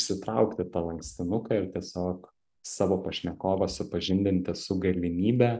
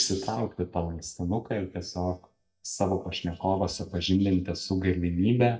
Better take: first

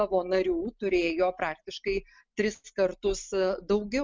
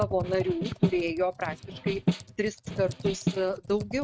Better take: first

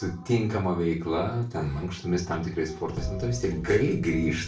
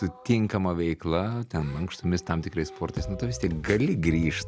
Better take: second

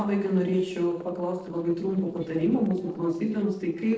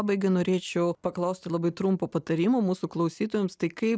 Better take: second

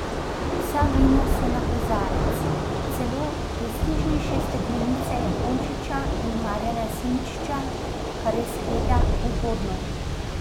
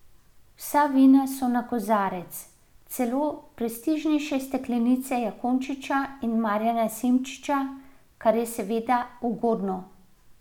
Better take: second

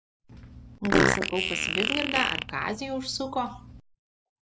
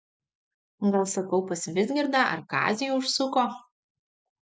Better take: second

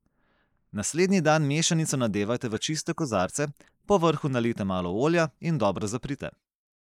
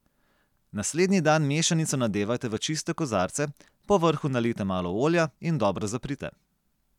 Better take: second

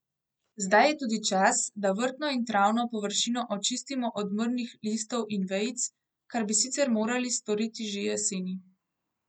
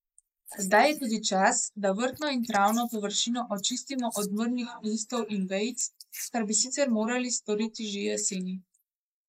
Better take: first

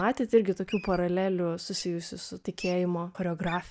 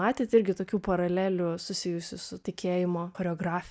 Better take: second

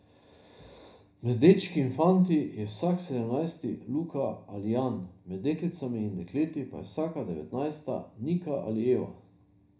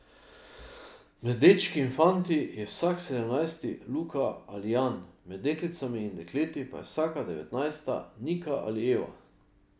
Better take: second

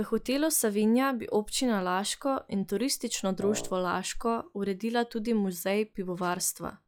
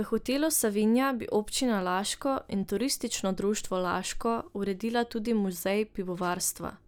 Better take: second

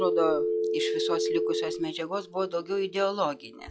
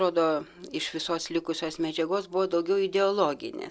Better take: second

